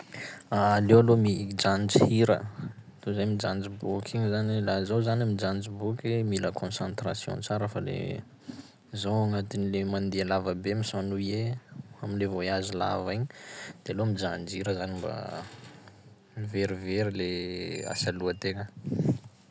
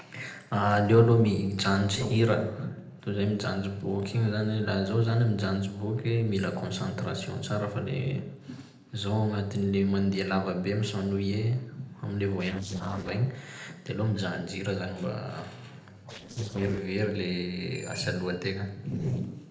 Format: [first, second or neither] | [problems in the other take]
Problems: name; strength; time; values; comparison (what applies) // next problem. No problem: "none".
first | noise reduction (neural separator model SepFormer DNS4)